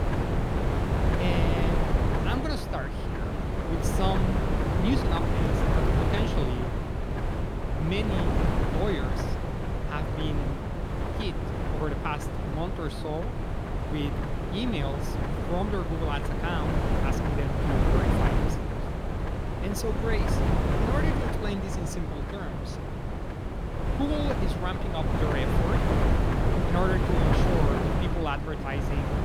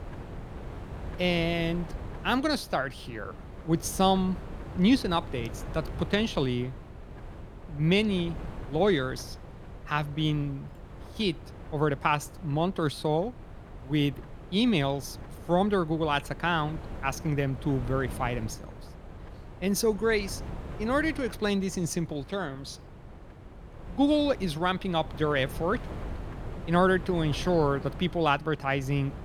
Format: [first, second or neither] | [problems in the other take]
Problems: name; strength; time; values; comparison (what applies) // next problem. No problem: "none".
second | wind noise on the microphone; heavy; 2 dB above the speech; occasional gusts in the second